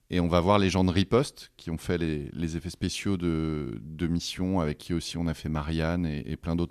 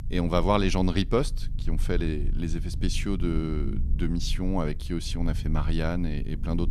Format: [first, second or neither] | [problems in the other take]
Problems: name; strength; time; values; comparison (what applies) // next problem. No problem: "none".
first | low rumble; noticeable; throughout; 20 dB below the speech